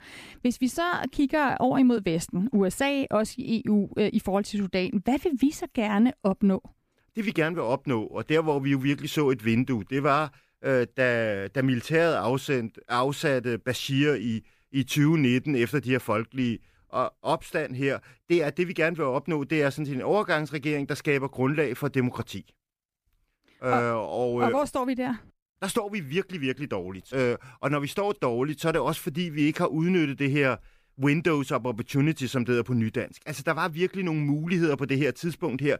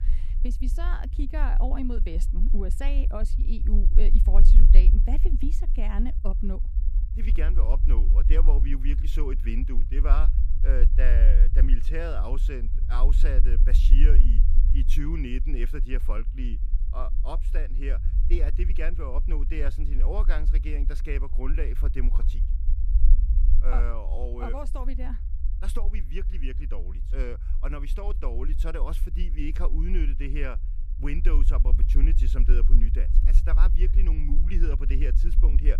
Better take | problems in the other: first | low rumble; loud; throughout; 10 dB below the speech

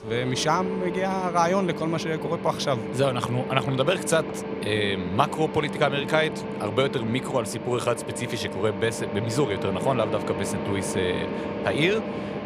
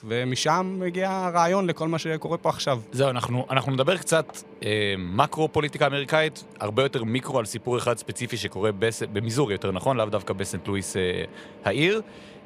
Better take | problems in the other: second | machinery noise; loud; throughout; 6 dB below the speech; faint in the second

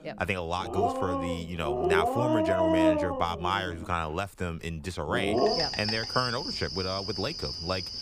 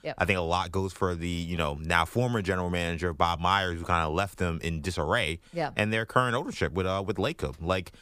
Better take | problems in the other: second | animal sounds; very loud; throughout; 3 dB above the speech

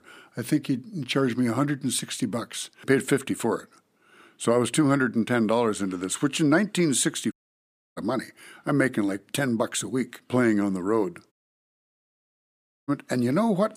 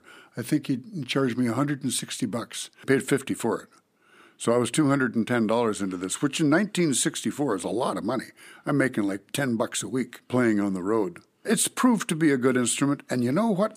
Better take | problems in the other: second | audio cutting out; at 7.5 s for 0.5 s and at 11 s for 1.5 s

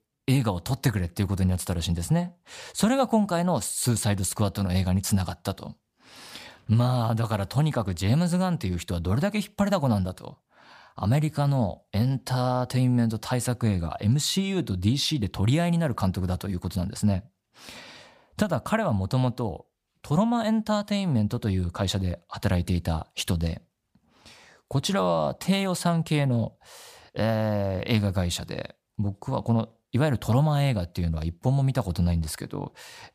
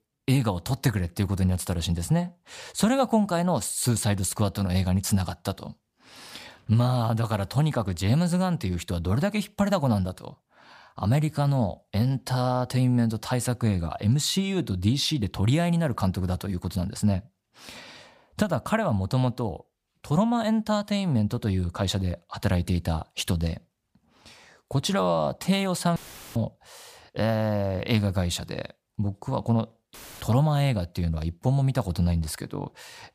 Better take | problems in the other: first | audio cutting out; filled with static; at 26 s and at 30 s

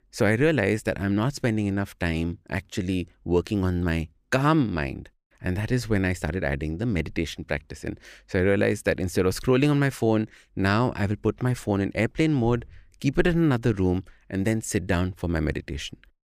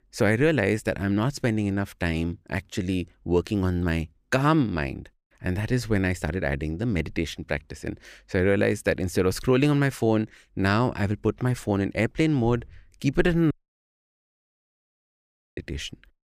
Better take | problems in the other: first | audio cutting out; at 14 s for 2 s

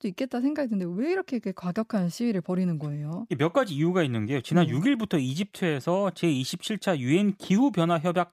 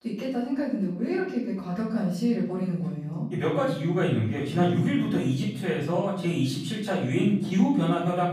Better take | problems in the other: first | off-mic speech; far // room echo; noticeable; dies away in 0.7 s

